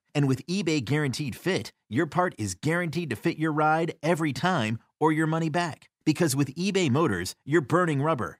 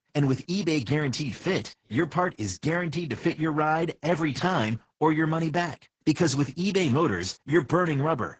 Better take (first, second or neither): first